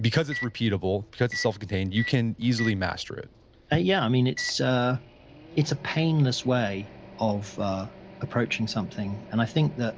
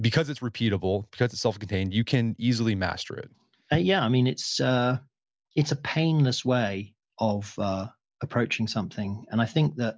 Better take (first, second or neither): second